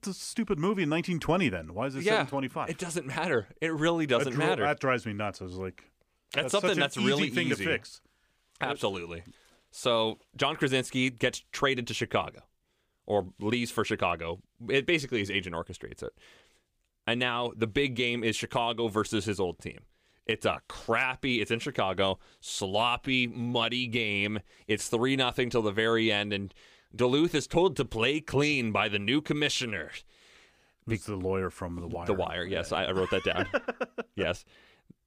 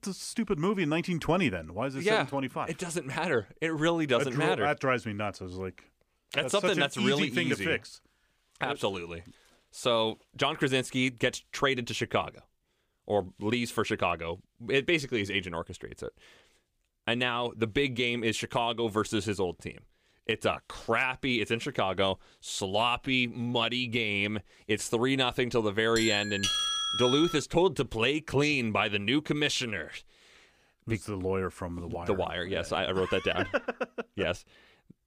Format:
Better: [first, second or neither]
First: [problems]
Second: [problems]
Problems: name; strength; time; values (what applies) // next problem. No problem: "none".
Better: first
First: none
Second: doorbell; loud; from 26 to 27 s; peak 3 dB above the speech